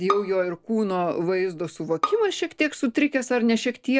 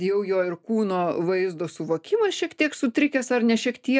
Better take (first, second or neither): second